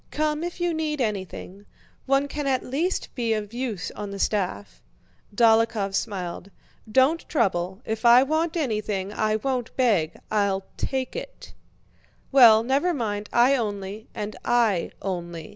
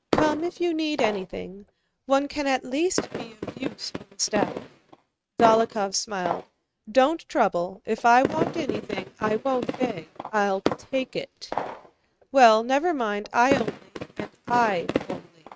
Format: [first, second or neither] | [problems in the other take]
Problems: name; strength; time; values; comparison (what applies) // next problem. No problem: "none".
first | noise reduction (neural mask model RNNoise)